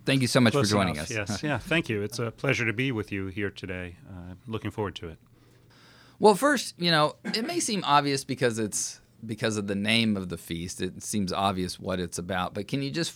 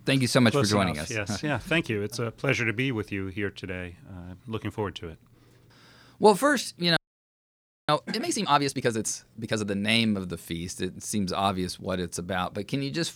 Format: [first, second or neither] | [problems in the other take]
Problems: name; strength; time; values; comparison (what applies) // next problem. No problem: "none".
first | audio freezing; at 7 s for 1 s